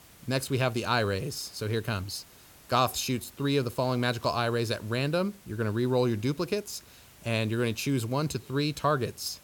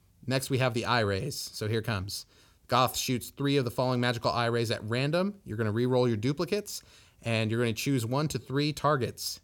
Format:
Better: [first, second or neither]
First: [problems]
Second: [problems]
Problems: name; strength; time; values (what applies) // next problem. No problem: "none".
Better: second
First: hiss; faint; throughout; 25 dB below the speech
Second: none